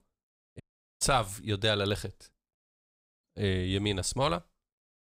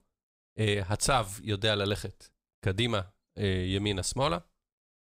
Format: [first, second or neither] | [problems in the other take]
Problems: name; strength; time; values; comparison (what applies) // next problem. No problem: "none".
second | audio cutting out; at 0.5 s and at 2.5 s for 0.5 s